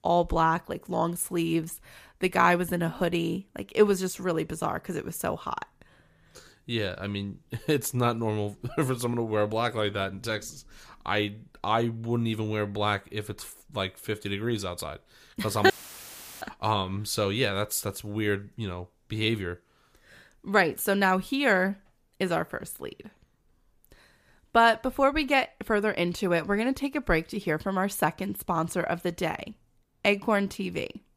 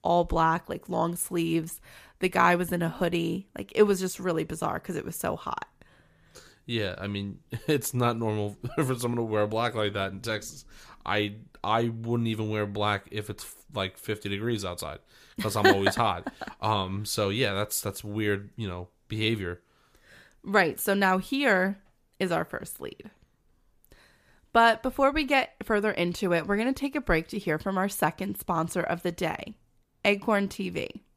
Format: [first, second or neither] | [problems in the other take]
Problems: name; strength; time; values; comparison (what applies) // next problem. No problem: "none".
second | audio cutting out; filled with static; at 16 s for 0.5 s